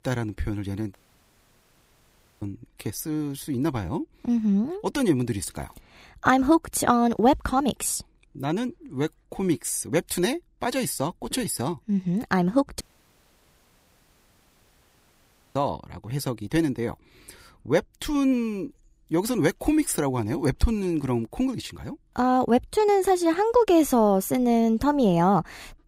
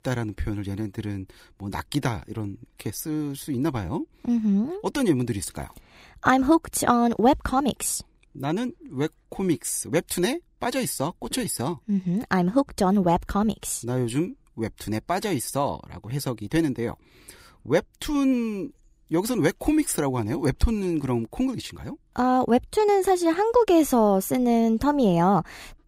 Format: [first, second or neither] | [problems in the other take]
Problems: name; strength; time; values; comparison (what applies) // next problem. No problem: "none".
second | audio cutting out; at 1 s for 1.5 s and at 13 s for 2.5 s